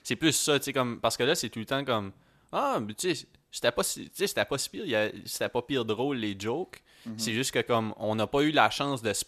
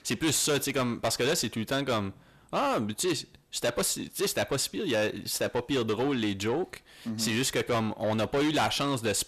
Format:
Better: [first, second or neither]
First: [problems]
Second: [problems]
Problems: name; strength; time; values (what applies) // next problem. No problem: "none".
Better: first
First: none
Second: distortion; heavy; 7 dB below the speech